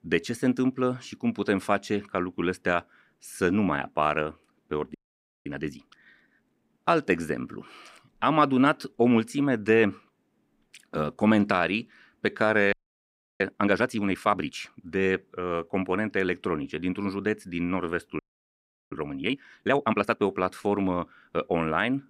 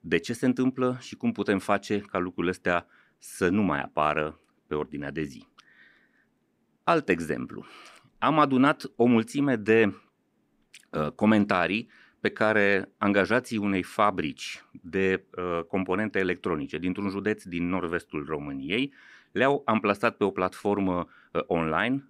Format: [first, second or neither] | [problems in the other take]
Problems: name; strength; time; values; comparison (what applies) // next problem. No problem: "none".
second | audio freezing; at 5 s for 0.5 s, at 13 s for 0.5 s and at 18 s for 0.5 s